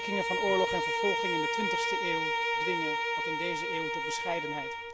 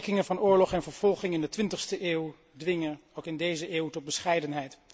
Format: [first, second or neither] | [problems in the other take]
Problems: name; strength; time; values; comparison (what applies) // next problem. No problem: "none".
second | background sound (Bowed string instrument); 5 dB above the speech